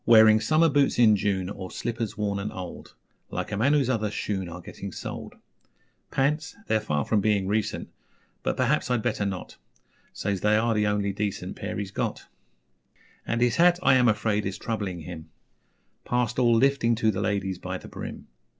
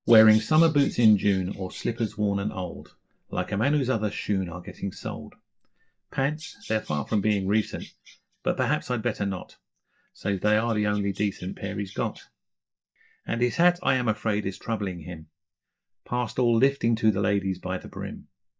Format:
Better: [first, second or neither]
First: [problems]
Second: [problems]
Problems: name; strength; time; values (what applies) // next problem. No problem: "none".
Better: first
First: none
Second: noise reduction (neural mask model DeepFilterNet 3)